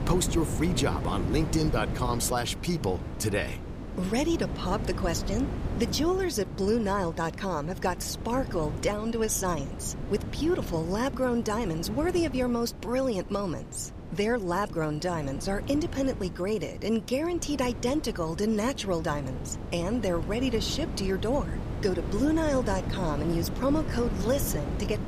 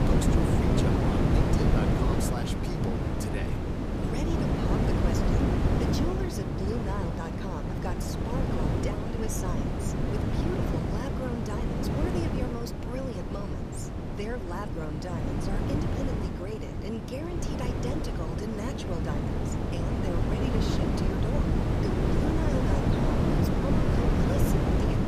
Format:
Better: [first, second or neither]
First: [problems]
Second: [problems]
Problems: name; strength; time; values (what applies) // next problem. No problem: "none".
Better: first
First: wind noise on the microphone; occasional gusts; 10 dB below the speech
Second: wind noise on the microphone; heavy; 5 dB above the speech